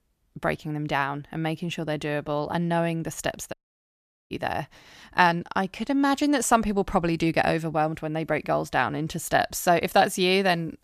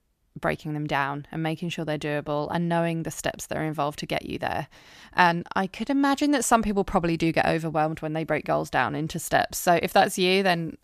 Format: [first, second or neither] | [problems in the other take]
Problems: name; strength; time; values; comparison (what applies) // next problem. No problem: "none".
second | audio cutting out; at 3.5 s for 1 s